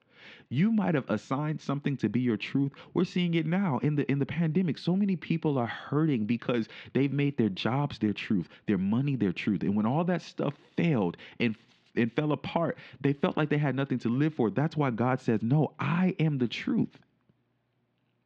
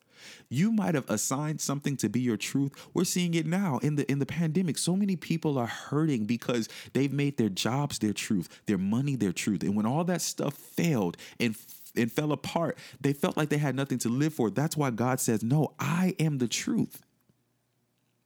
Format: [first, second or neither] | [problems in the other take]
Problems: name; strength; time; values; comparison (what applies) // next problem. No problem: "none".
second | muffled; very; fading above 3.5 kHz